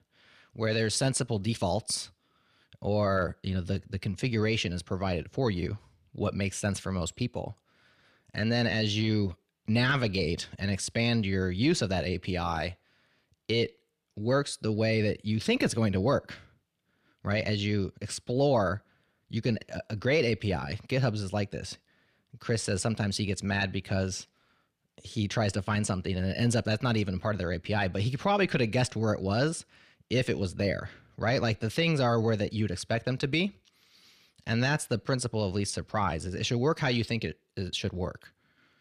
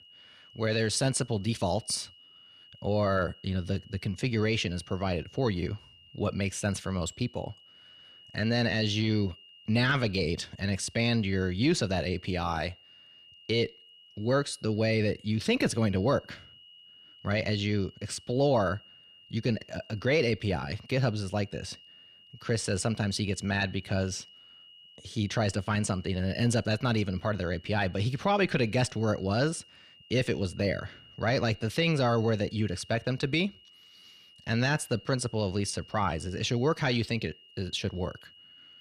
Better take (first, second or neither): first